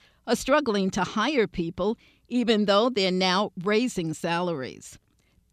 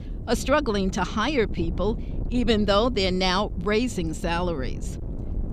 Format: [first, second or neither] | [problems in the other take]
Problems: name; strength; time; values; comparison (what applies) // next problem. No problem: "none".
first | wind noise on the microphone; occasional gusts; 20 dB below the speech